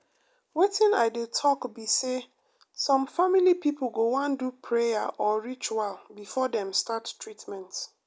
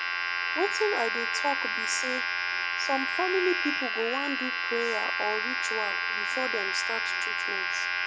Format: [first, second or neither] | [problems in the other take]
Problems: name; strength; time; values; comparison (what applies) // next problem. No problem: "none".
first | background sound (Domestic sounds, home sounds); 3 dB above the speech